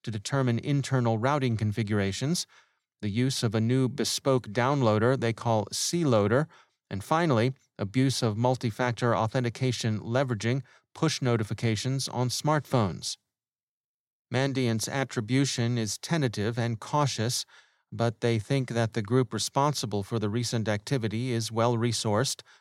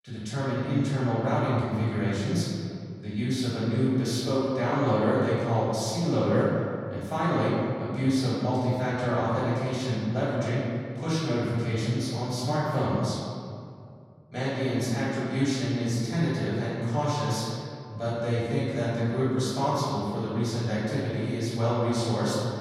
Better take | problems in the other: first | off-mic speech; far // room echo; strong; dies away in 2.1 s

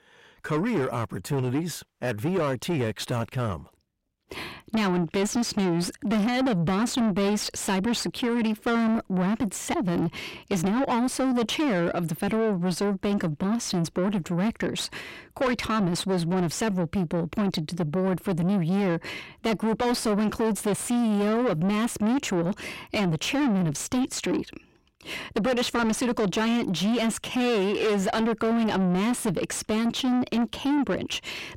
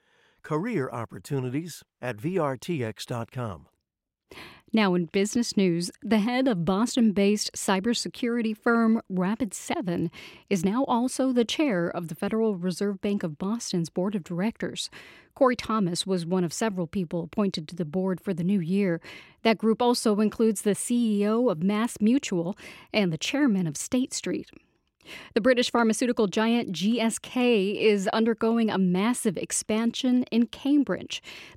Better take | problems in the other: second | distortion; heavy; 7 dB below the speech

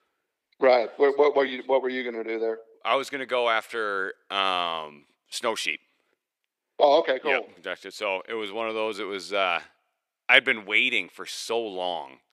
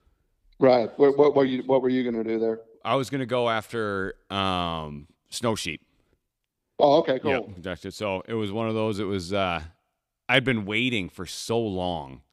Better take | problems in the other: second | thin; somewhat; fading below 450 Hz

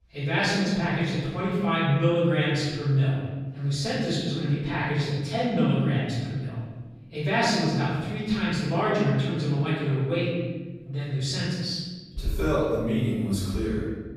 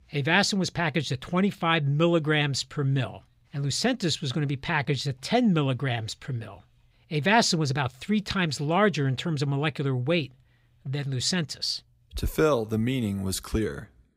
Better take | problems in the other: second | room echo; strong; dies away in 1.4 s // off-mic speech; far

